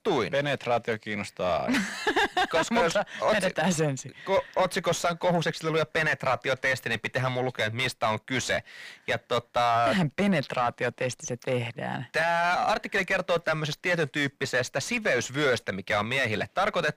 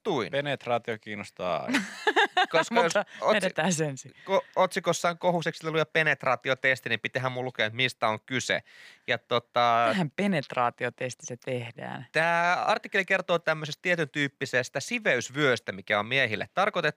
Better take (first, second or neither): second